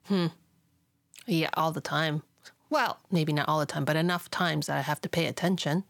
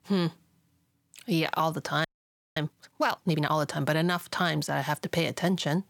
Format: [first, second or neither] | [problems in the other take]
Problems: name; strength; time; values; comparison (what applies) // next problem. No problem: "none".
first | audio freezing; at 2 s for 0.5 s